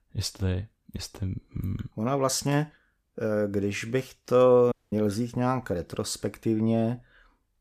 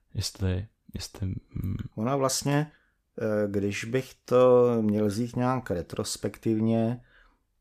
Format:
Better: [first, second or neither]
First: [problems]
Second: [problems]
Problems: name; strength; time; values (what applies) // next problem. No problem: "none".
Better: second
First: audio cutting out; at 4.5 s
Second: none